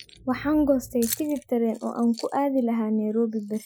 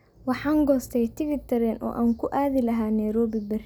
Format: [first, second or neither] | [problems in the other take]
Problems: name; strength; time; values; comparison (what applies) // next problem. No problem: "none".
second | noise reduction (classical method Wiener filter)